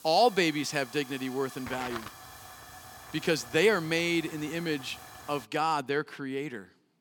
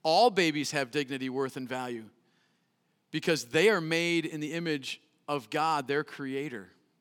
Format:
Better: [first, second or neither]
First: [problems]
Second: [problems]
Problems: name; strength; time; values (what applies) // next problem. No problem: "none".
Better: second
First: hiss; noticeable; until 5.5 s; 15 dB below the speech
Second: none